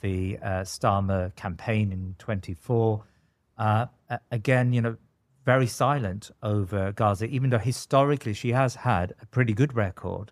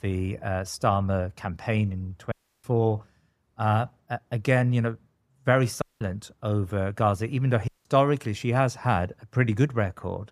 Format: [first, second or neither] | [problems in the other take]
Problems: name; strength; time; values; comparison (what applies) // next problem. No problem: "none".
first | audio cutting out; at 2.5 s, at 6 s and at 7.5 s